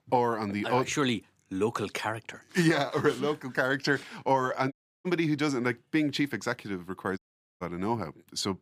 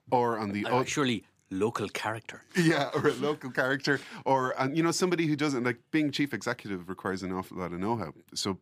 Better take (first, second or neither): second